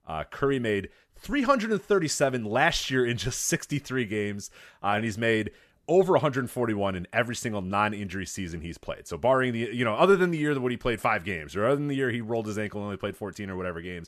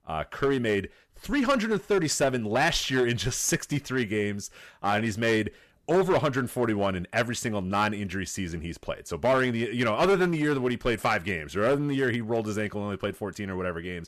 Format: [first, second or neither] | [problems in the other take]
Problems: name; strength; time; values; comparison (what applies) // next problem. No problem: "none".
first | distortion; slight; 6% of the sound clipped